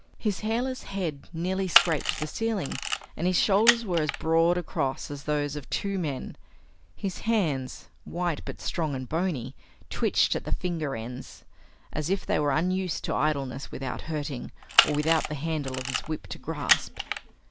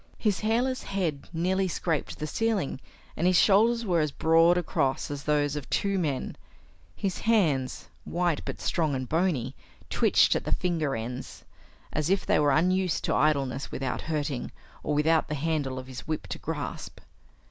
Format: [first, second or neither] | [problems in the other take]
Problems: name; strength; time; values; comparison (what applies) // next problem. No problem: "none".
second | background sound (Camera); 2 dB below the speech